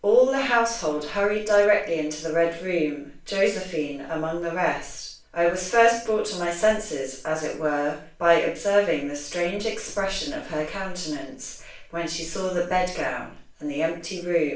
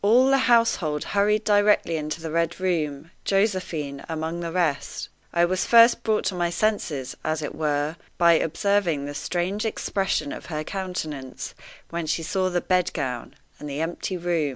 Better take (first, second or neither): second